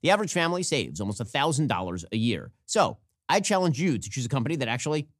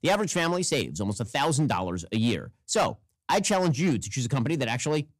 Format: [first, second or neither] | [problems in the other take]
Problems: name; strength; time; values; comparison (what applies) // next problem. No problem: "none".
first | distortion; slight; 5% of the sound clipped